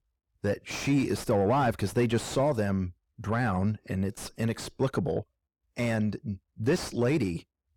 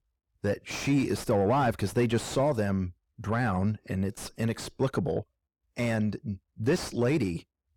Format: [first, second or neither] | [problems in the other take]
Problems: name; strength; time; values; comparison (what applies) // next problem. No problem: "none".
neither | distortion; heavy; 6 dB below the speech; the same in both